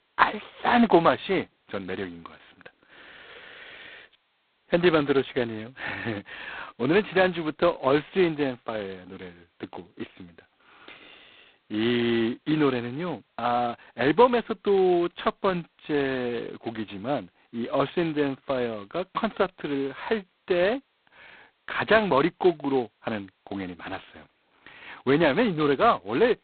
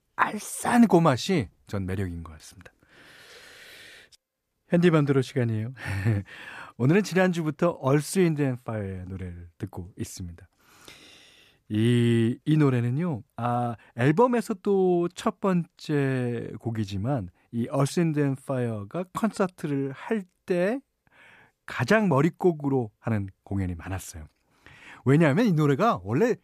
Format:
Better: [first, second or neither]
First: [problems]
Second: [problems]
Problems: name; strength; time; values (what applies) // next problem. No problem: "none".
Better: second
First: phone-call audio; poor line; nothing above 4 kHz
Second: none